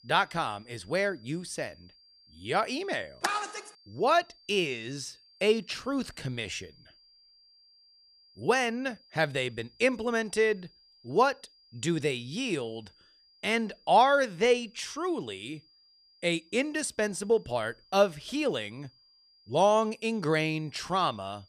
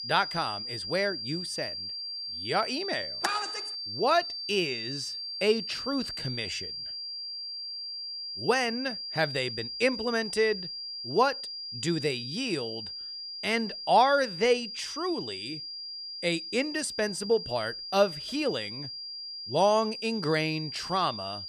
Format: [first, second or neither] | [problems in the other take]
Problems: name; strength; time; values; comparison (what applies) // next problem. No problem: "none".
first | high-pitched whine; loud; throughout; 5 kHz, 6 dB below the speech; faint in the first